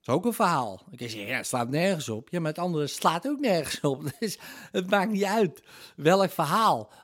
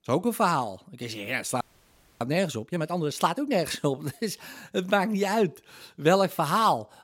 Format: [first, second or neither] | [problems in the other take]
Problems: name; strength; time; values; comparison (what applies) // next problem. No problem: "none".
first | audio freezing; at 1.5 s for 0.5 s